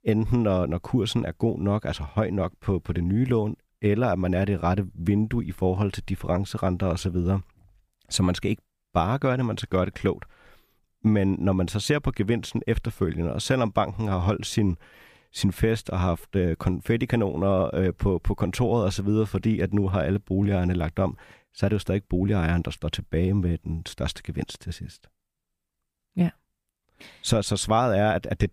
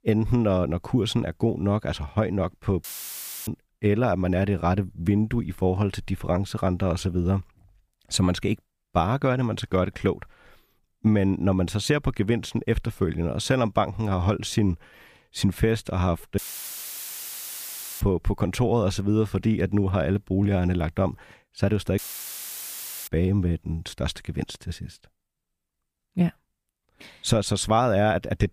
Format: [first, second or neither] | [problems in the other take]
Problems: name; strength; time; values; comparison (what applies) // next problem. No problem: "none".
first | audio cutting out; filled with static; at 3 s for 0.5 s, at 16 s for 1.5 s and at 22 s for 1 s